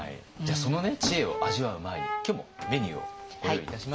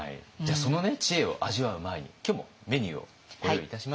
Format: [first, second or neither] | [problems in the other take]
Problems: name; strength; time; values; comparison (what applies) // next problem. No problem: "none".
second | background sound (Brass instrument + Drawer open or close); 6 dB below the speech